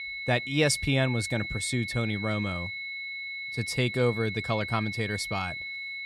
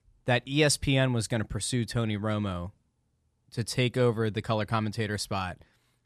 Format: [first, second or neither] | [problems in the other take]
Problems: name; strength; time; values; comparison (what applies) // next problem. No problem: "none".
second | high-pitched whine; loud; throughout; 2 kHz, 5 dB below the speech